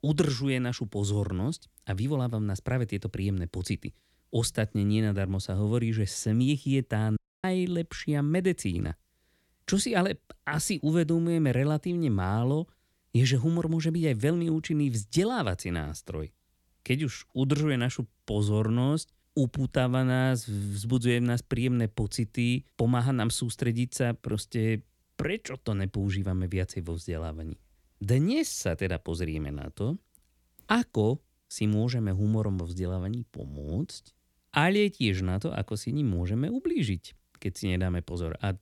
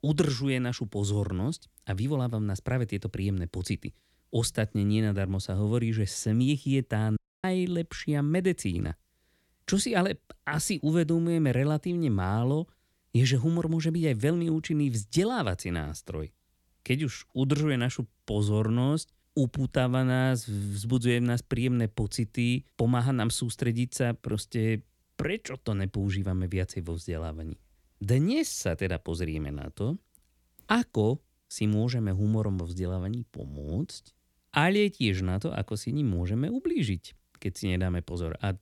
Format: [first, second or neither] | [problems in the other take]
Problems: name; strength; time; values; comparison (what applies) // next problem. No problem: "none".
neither | audio cutting out; at 7 s; the same in both